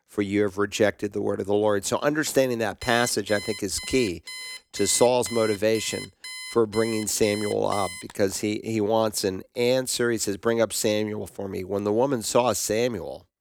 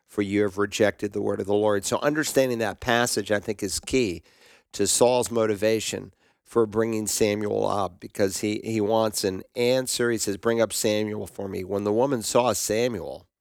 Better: second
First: alarm; faint; from 3 to 8.5 s; peak 10 dB below the speech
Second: none

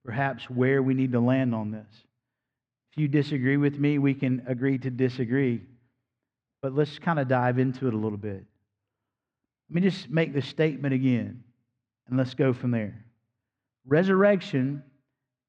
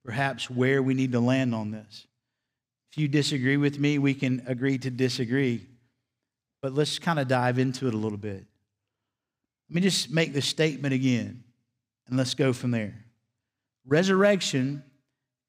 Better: second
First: muffled; very; fading above 2 kHz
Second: none

